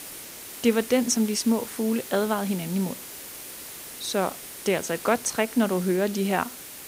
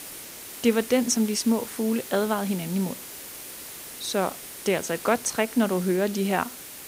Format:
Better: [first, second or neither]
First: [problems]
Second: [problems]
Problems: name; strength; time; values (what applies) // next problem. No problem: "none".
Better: neither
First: hiss; noticeable; throughout; 10 dB below the speech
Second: hiss; noticeable; throughout; 10 dB below the speech